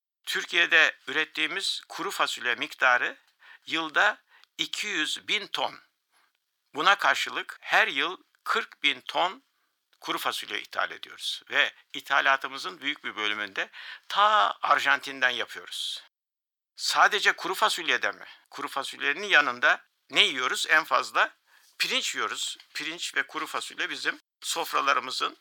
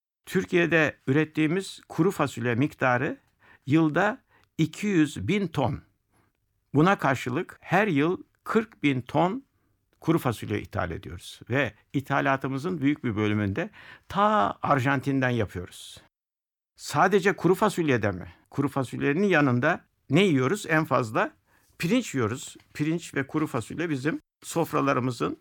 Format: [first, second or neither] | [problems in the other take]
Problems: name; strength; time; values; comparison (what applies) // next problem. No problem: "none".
second | thin; very; fading below 850 Hz